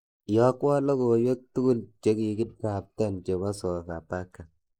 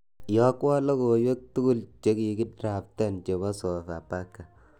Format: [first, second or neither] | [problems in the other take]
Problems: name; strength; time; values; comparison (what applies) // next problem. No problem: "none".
second | noise reduction (neural mask model Resemble Enhance denoiser)